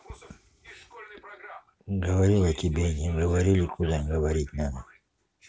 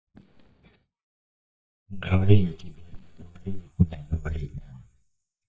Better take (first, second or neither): first